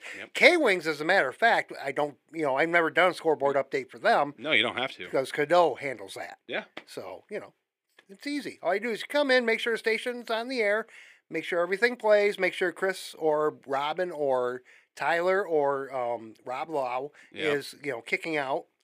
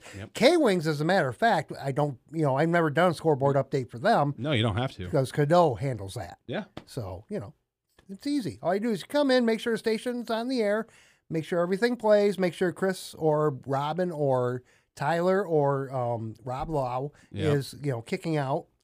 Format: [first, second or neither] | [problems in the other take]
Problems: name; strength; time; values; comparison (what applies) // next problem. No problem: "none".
second | thin; somewhat; fading below 400 Hz